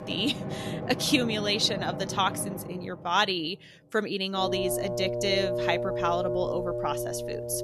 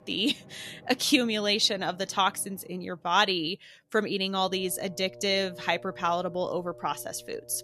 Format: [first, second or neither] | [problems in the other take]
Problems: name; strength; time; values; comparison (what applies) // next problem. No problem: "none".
second | background music; loud; throughout; 4 dB below the speech; faint in the second